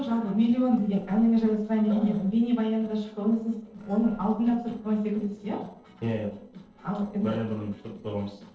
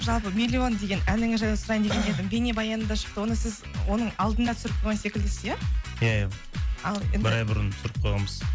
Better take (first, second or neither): second